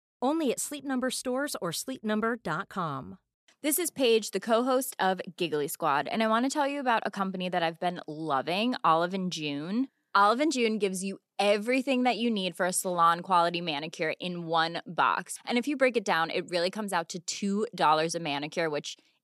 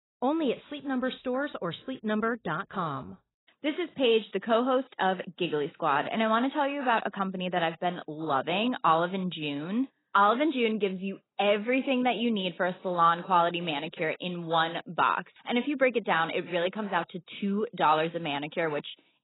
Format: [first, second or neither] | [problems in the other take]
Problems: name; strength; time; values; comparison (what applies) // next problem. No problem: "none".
first | garbled, watery; badly; nothing above 4 kHz